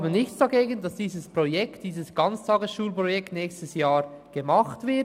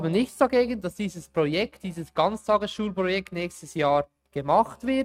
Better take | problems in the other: first | noise reduction (neural mask model RNNoise)

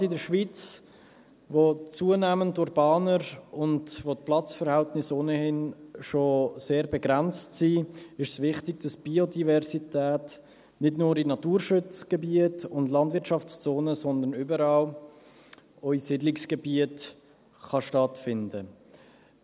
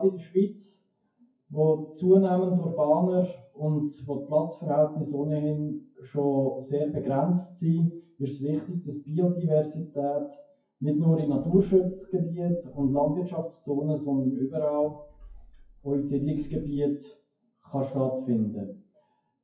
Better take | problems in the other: first | noise reduction (classical method WPE with log-MMSE)

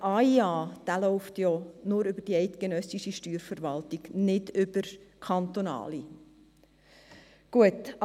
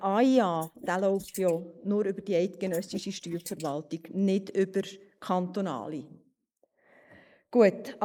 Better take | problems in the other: first | noise reduction (neural mask model Resemble Enhance denoiser)

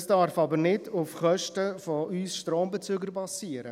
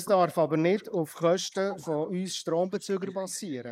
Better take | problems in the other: first | noise reduction (neural mask model Resemble Enhance denoiser)

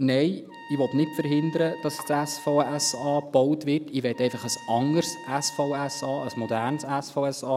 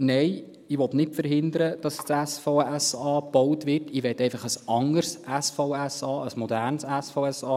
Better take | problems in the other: second | background sound (Trumpet); 18 dB below the speech

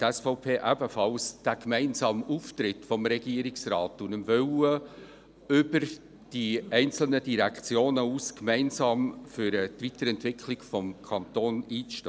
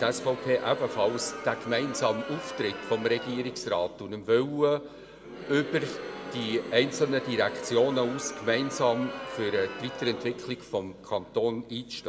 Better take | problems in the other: first | background sound (Crowd); 10 dB below the speech // room echo; dies away in 0.9 s

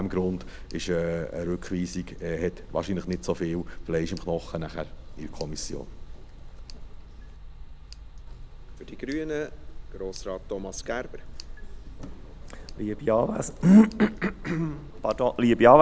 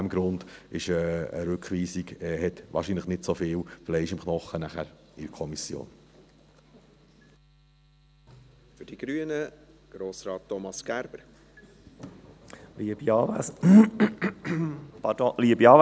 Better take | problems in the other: second | background sound (Tick); 13 dB below the speech

